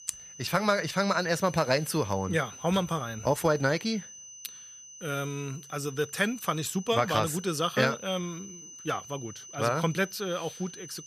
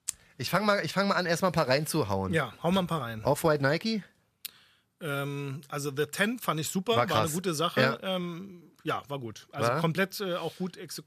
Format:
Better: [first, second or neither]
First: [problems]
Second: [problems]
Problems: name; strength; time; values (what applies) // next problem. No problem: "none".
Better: second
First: high-pitched whine; noticeable; throughout; 6 kHz, 15 dB below the speech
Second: none